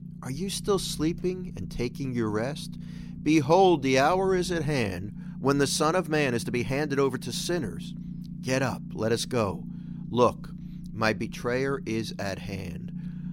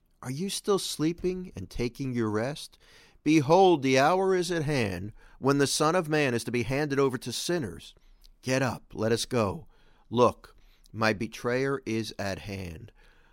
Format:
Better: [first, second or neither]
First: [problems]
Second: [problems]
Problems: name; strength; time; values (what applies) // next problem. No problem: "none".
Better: second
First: low rumble; faint; throughout; 20 dB below the speech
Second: none